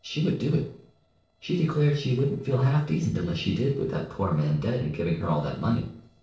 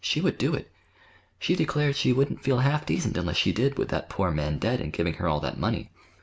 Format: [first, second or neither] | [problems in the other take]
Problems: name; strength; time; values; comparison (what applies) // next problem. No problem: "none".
second | noise reduction (neural separator model SepFormer DNS4)